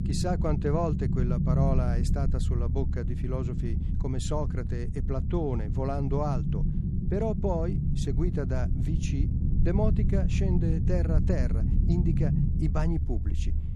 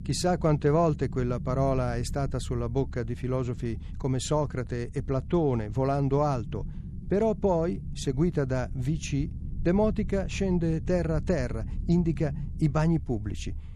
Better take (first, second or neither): second